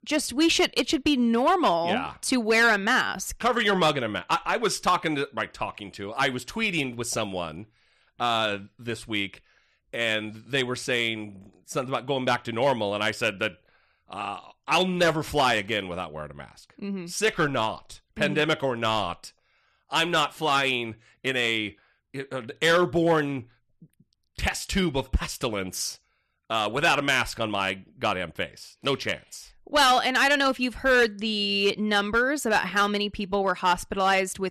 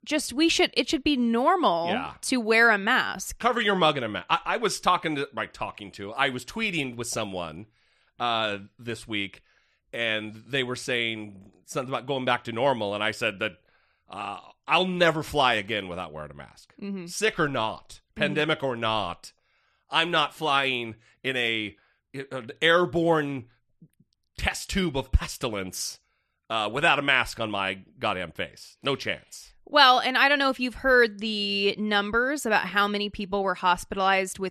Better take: second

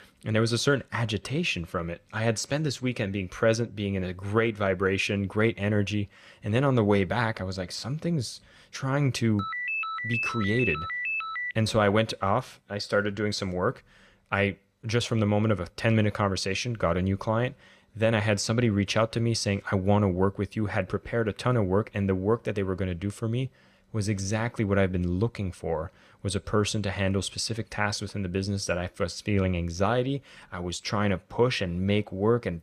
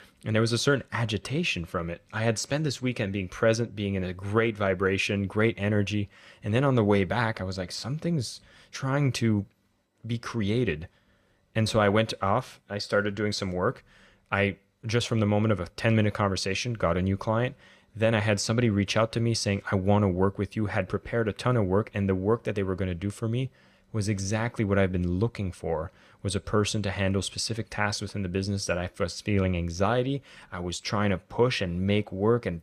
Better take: second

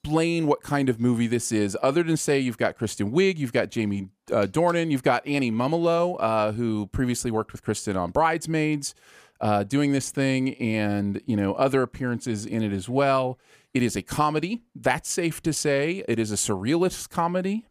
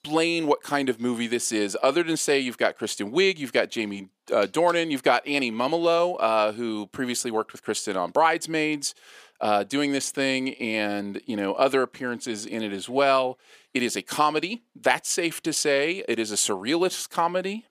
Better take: first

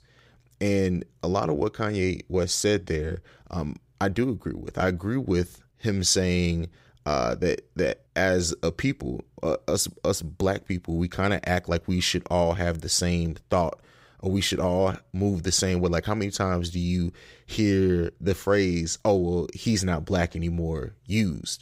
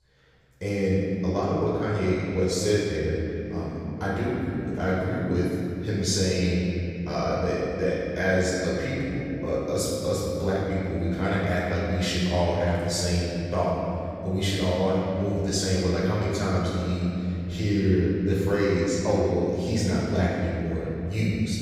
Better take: first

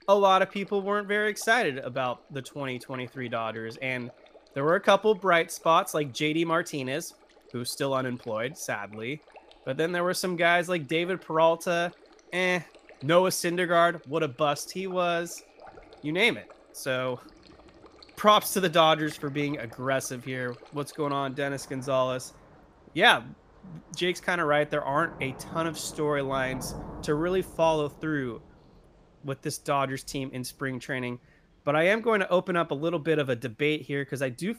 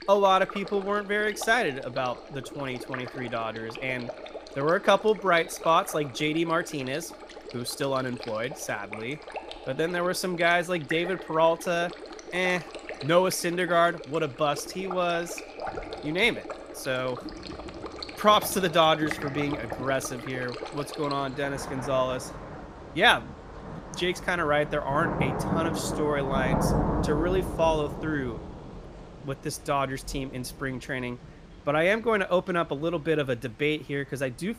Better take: first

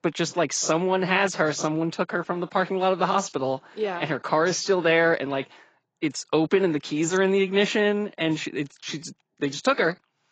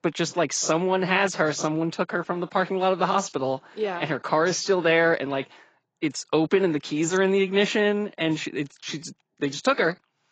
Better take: neither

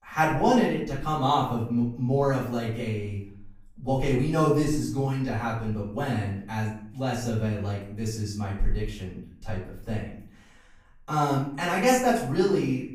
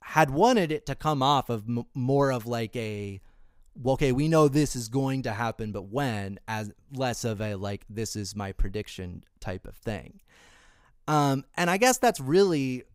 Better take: second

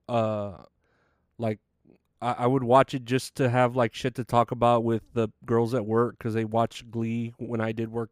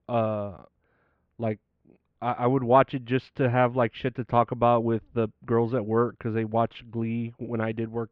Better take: first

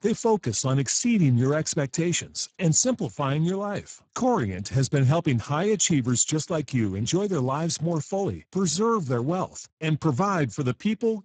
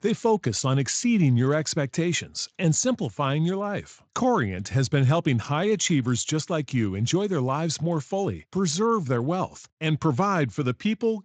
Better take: second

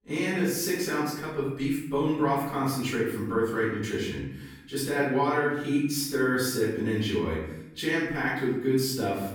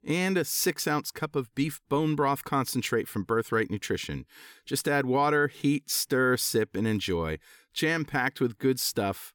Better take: second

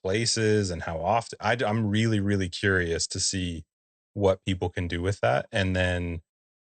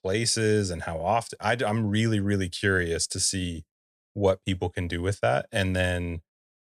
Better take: second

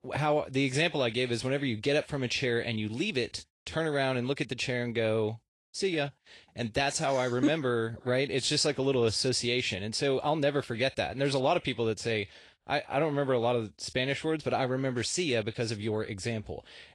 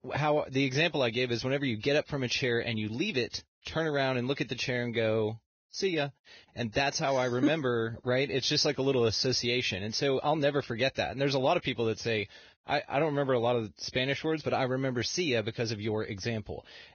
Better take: first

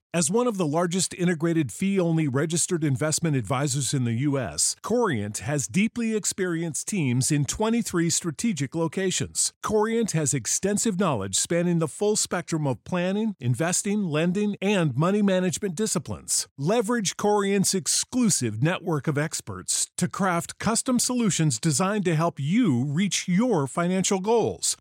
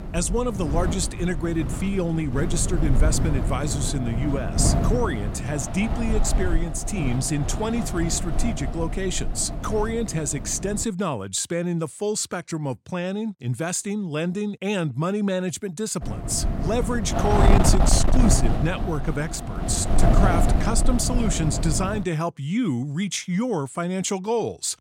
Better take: first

